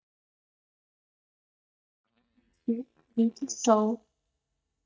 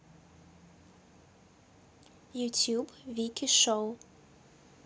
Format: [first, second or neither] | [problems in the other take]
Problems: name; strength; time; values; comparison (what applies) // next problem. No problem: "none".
second | noise reduction (neural mask model DeepFilterNet 3)